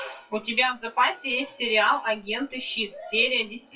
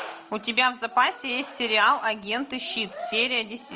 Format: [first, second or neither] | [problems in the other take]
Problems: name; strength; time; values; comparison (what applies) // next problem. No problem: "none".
second | noise reduction (classical method WPE with log-MMSE)